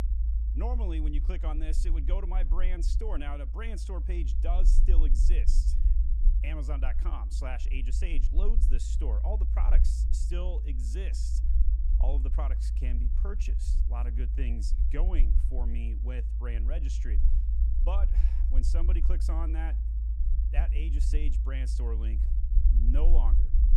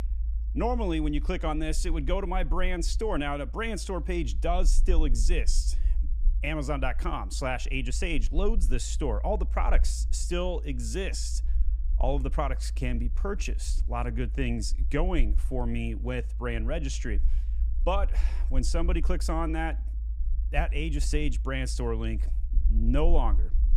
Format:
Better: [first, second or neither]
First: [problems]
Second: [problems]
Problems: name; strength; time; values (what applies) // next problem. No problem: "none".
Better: second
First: low rumble; loud; throughout; 7 dB below the speech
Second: low rumble; faint; throughout; 20 dB below the speech